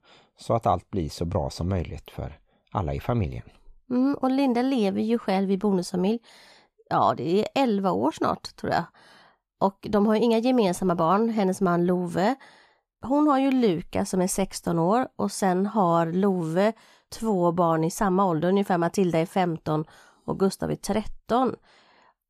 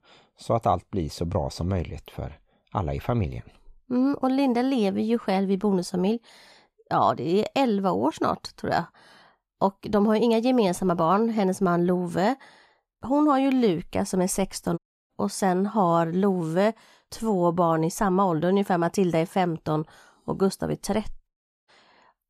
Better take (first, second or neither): first